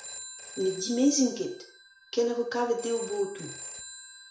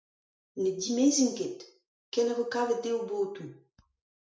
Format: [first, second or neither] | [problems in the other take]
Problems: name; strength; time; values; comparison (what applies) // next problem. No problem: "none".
second | background sound (Telephone); 13 dB below the speech